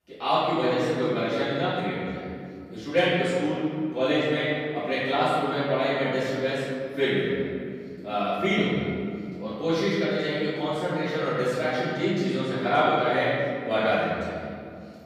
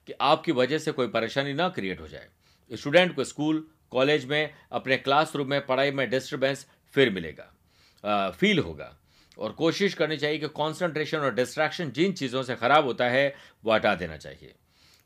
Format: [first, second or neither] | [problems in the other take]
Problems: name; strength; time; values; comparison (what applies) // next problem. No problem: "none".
second | room echo; strong; dies away in 2.3 s // off-mic speech; far